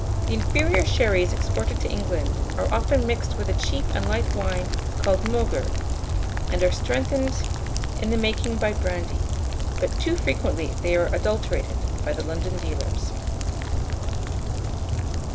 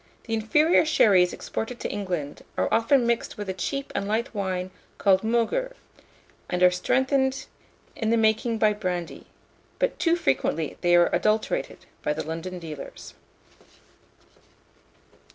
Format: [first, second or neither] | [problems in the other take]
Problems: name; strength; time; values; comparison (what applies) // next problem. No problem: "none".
second | background sound (Rain); 3 dB above the speech